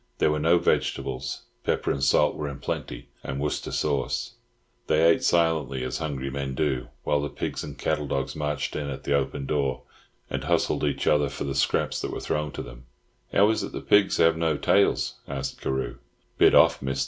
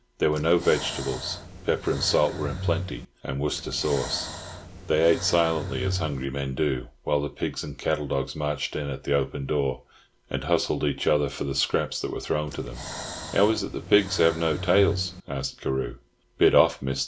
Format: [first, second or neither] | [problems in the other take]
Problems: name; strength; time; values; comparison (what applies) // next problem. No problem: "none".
first | background sound (Breathing); 9 dB below the speech